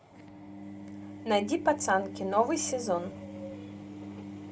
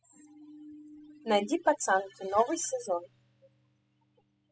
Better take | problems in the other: first | noise reduction (classical method spectral subtraction)

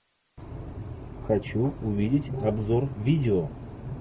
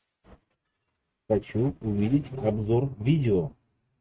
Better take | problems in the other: first | noise reduction (neural mask model RNNoise)

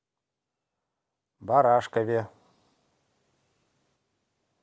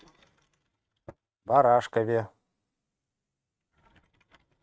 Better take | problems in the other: first | noise reduction (neural mask model RNNoise)

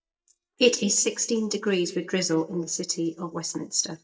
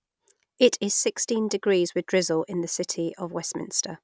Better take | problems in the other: second | noise reduction (neural mask model DeepFilterNet 3)

